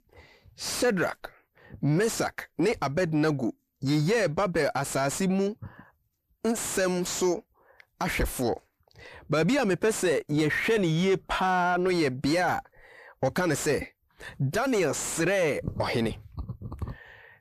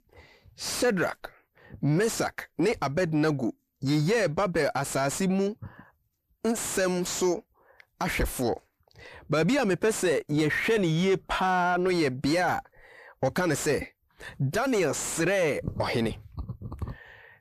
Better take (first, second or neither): neither